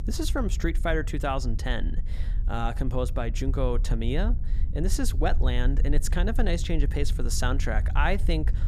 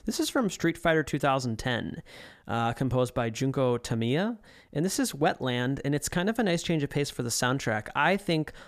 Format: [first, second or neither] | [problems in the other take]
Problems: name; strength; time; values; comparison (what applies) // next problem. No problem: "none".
second | low rumble; noticeable; throughout; 15 dB below the speech